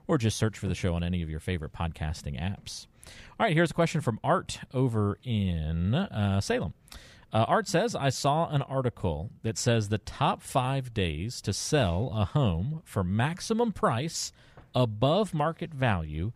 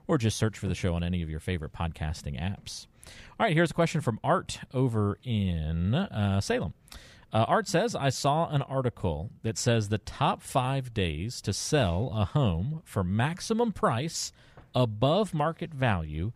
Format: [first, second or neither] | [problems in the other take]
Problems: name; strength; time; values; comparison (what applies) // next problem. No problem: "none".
neither | none